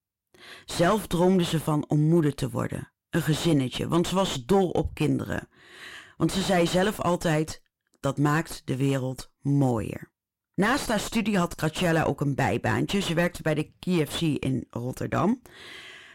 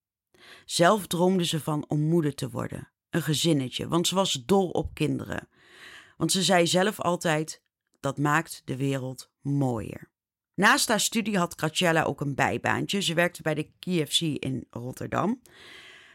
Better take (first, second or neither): second